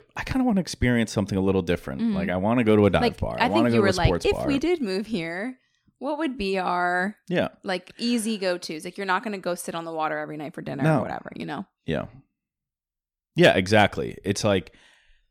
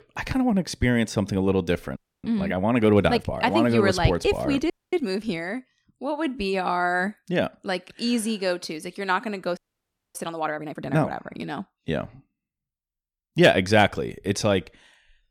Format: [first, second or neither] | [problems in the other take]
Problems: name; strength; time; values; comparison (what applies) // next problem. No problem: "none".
first | audio freezing; at 2 s, at 4.5 s and at 9.5 s for 0.5 s